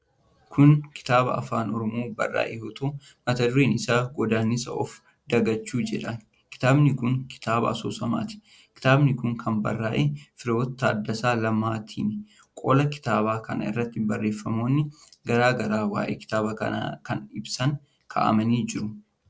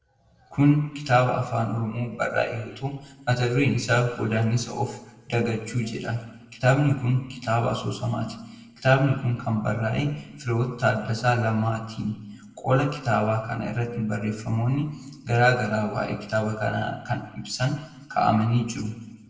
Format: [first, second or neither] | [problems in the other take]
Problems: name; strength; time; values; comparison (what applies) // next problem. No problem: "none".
first | room echo; dies away in 1.1 s